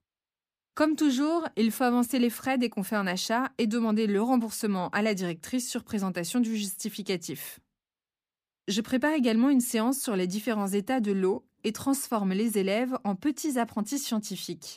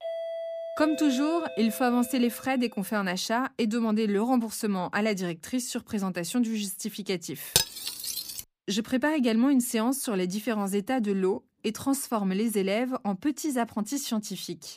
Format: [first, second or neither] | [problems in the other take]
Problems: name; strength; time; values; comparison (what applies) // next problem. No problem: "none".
first | doorbell; noticeable; until 2.5 s; peak 6 dB below the speech // clattering dishes; loud; at 7.5 s; peak 3 dB above the speech